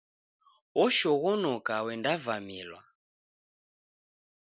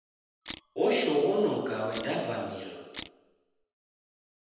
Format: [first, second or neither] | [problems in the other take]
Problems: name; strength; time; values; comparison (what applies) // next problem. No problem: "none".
first | background sound (Camera); 16 dB below the speech // room echo; dies away in 1.1 s